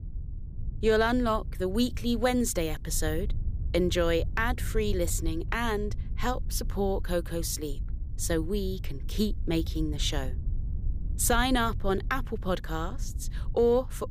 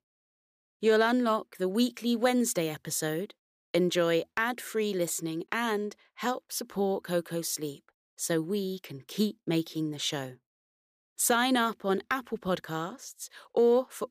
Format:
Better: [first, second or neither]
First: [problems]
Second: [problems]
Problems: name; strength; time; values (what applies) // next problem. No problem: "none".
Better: second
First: low rumble; faint; throughout; 25 dB below the speech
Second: none